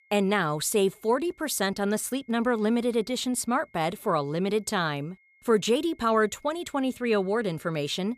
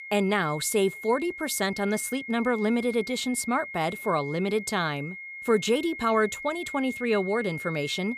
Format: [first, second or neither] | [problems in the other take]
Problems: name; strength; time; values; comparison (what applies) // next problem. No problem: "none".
first | high-pitched whine; loud; throughout; 2 kHz, 10 dB below the speech; faint in the first